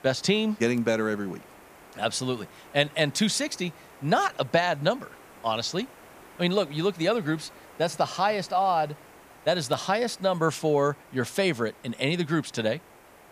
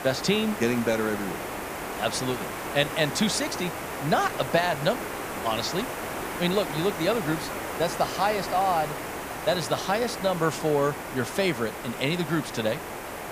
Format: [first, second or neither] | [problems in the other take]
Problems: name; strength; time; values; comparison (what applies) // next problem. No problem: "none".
first | hiss; loud; throughout; 6 dB below the speech; faint in the first